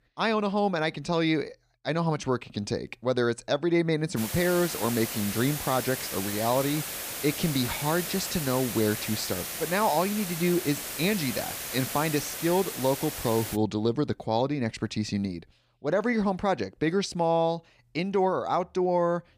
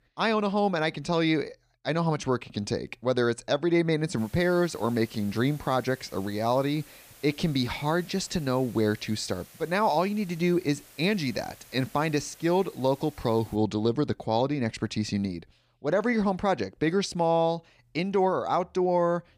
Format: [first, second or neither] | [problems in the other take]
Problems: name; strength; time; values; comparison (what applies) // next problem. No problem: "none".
second | hiss; loud; from 4 to 14 s; 5 dB below the speech; faint in the second